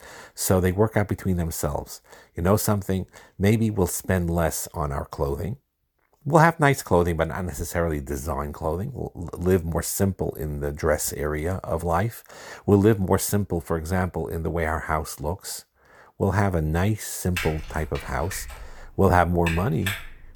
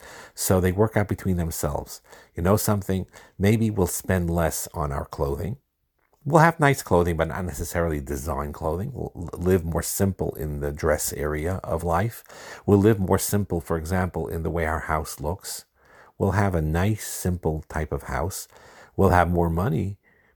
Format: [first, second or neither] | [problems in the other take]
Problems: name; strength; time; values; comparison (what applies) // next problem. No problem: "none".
second | keyboard typing; noticeable; from 17 s on; peak 6 dB below the speech